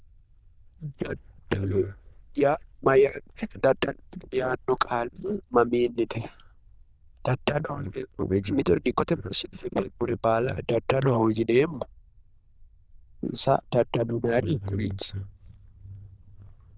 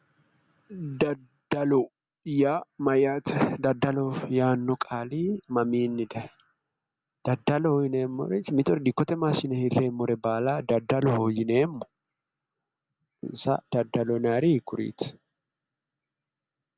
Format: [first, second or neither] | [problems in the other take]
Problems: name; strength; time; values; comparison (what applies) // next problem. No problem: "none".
second | noise reduction (neural diffusion model UNIVERSE++)